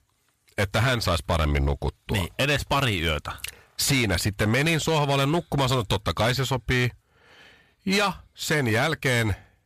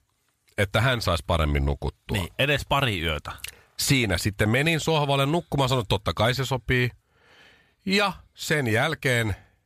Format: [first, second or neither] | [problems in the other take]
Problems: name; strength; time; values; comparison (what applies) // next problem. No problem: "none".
second | distortion; slight; 10% of the sound clipped